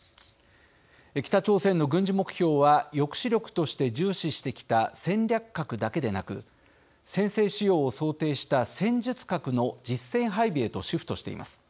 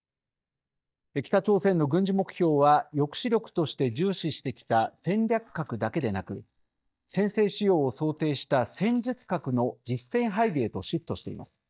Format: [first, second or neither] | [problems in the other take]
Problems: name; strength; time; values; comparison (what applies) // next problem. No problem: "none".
first | noise reduction (neural mask model DeepFilterNet 3)